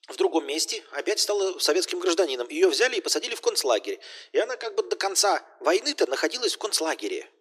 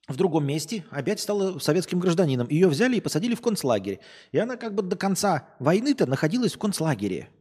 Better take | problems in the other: second | thin; very; fading below 350 Hz

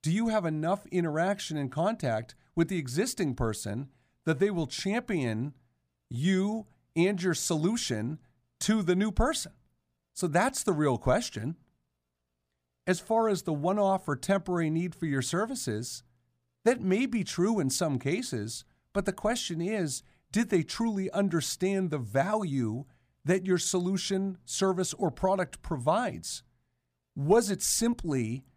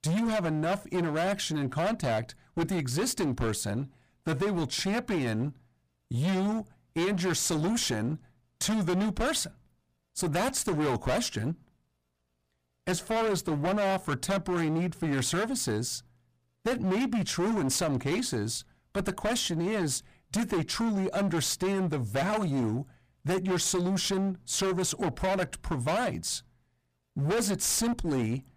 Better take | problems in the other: first | distortion; heavy; 22% of the sound clipped

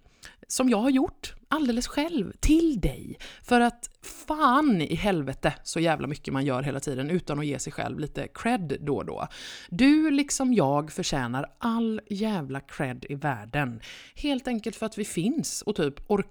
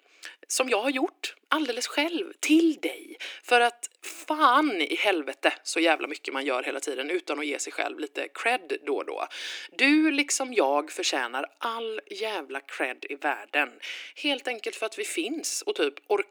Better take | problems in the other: first | thin; somewhat; fading below 300 Hz

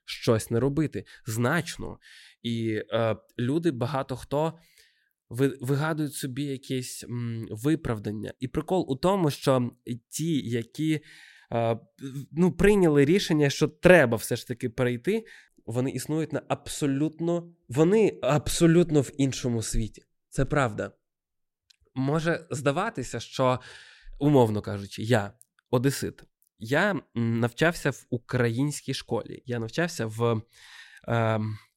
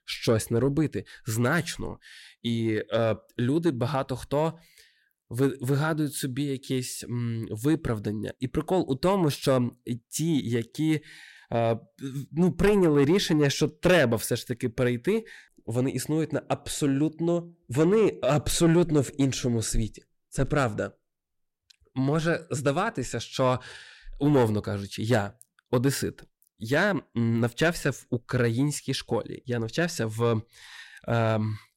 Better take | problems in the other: first | distortion; slight; 10 dB below the speech

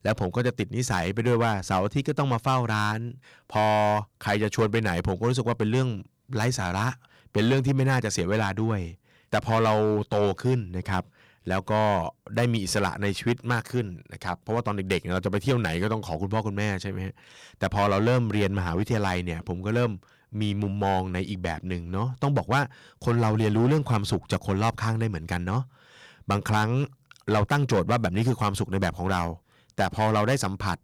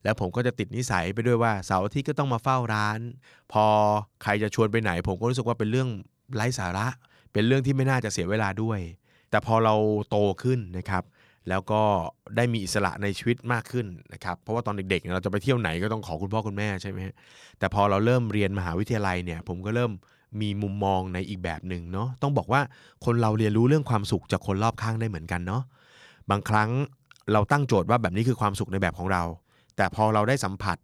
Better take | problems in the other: second | distortion; slight; 5% of the sound clipped

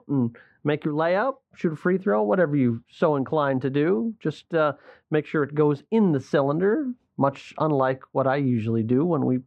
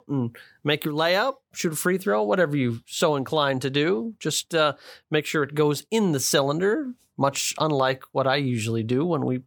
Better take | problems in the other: second | muffled; very; fading above 1.5 kHz

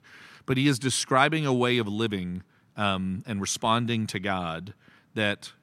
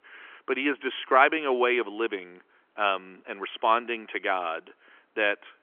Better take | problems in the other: first | phone-call audio; nothing above 3.5 kHz

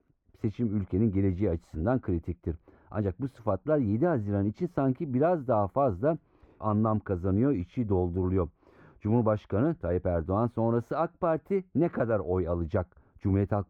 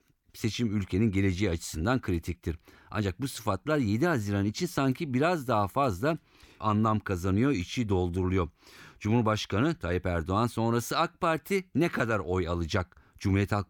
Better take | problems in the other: second | muffled; very; fading above 2 kHz

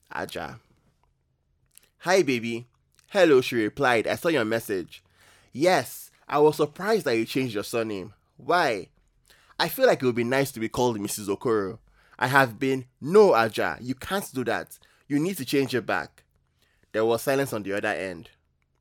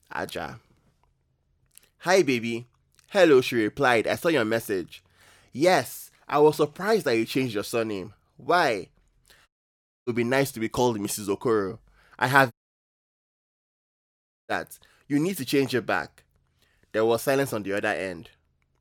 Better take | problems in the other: first | audio cutting out; at 9.5 s for 0.5 s and at 13 s for 2 s

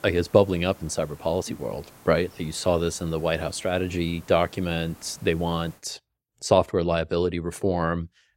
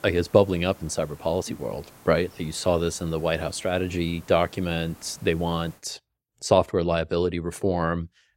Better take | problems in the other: neither | hiss; faint; until 6 s; 25 dB below the speech; the same in both

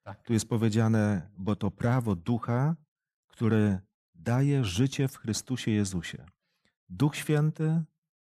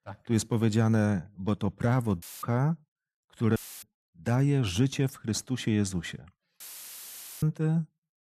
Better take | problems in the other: first | audio cutting out; filled with static; at 2 s, at 3.5 s and at 6.5 s for 1 s

